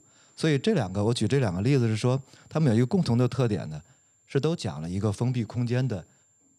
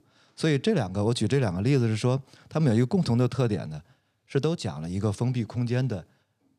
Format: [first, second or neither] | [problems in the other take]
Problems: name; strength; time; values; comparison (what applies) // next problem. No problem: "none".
second | high-pitched whine; faint; throughout; 7.5 kHz, 35 dB below the speech